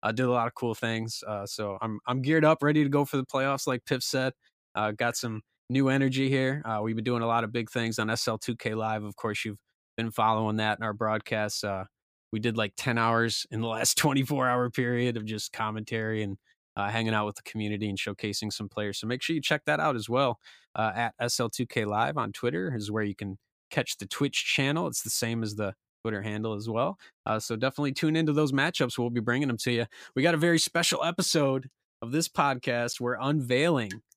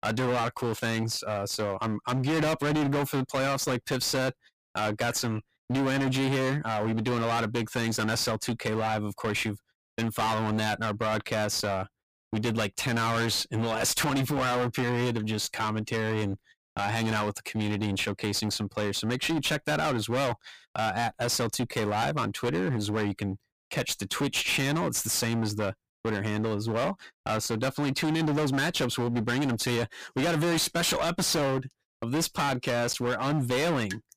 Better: first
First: none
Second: distortion; heavy; 27% of the sound clipped

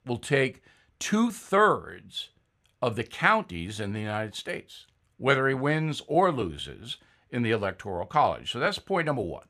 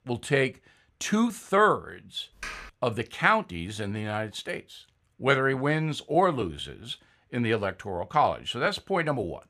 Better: first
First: none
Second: keyboard typing; faint; at 2.5 s; peak 10 dB below the speech

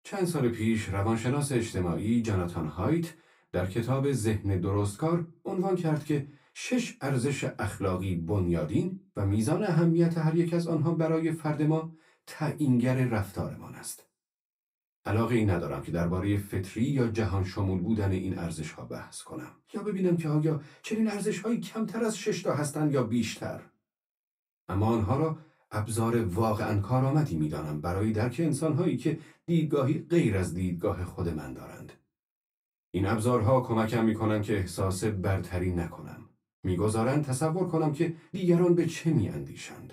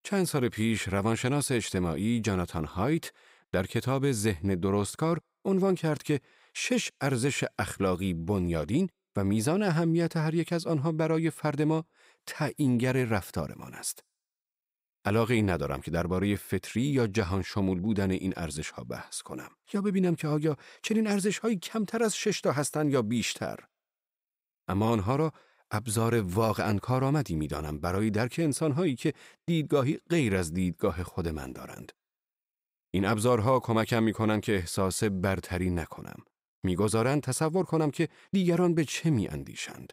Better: second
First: off-mic speech; far // room echo; very slight; dies away in 0.2 s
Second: none

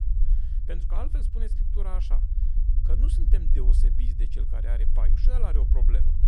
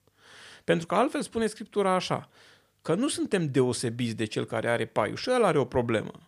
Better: second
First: low rumble; loud; throughout; 4 dB below the speech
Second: none

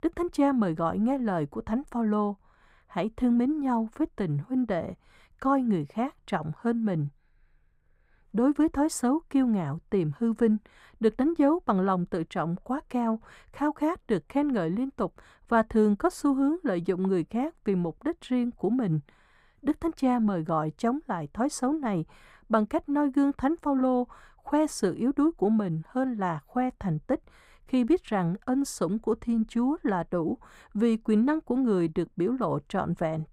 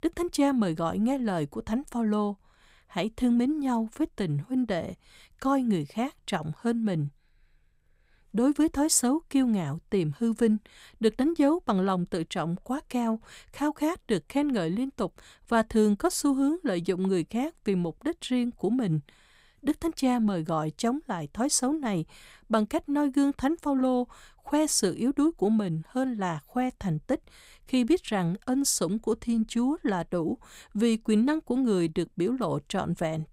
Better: second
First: muffled; slightly; fading above 2.5 kHz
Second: none

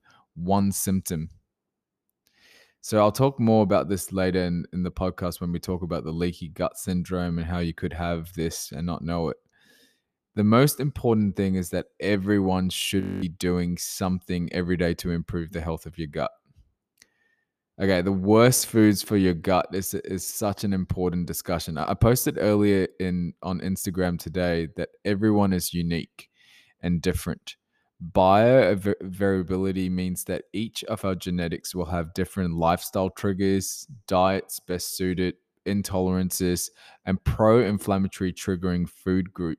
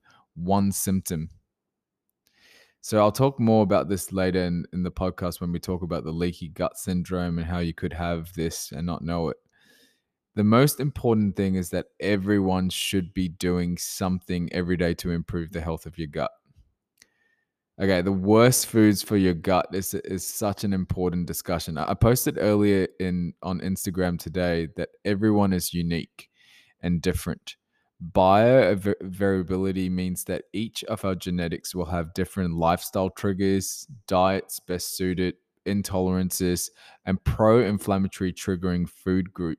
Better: second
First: audio freezing; at 13 s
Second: none

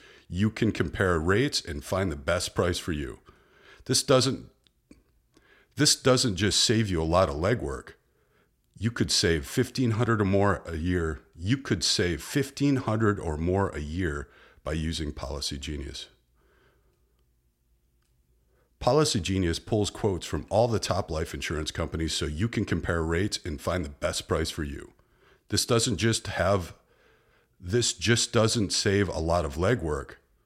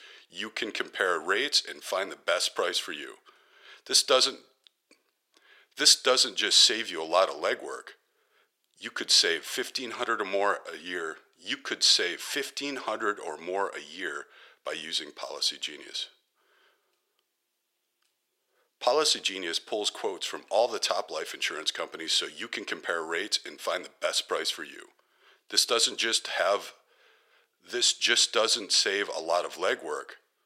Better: first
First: none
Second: thin; very; fading below 450 Hz

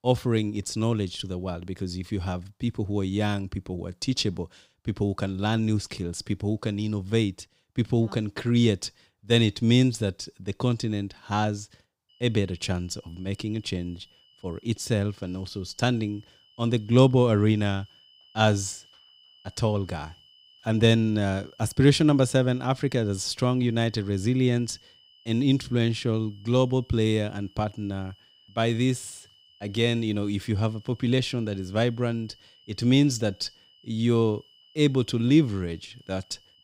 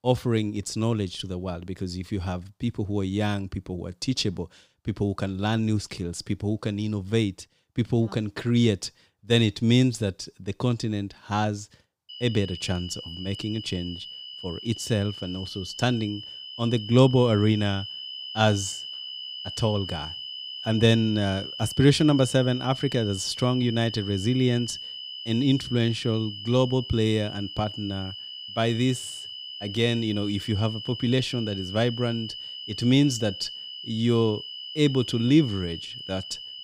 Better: first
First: high-pitched whine; faint; from 12 s on; 3 kHz, 30 dB below the speech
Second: high-pitched whine; loud; from 12 s on; 3 kHz, 10 dB below the speech

